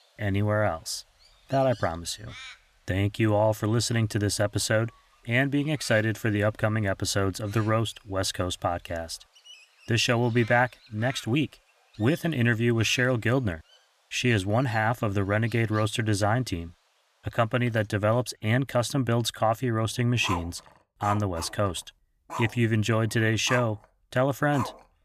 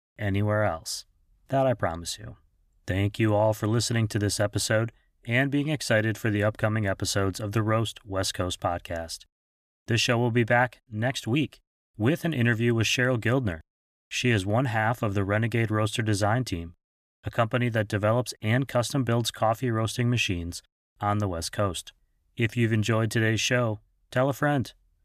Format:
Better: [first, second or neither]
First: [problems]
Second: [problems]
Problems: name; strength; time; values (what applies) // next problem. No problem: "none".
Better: second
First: animal sounds; noticeable; throughout; 15 dB below the speech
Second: none